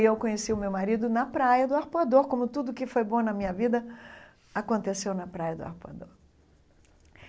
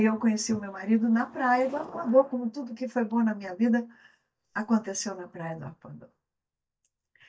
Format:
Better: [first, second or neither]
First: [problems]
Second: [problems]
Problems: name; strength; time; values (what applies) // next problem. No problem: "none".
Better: first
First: none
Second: noise reduction (neural mask model DeepFilterNet 3)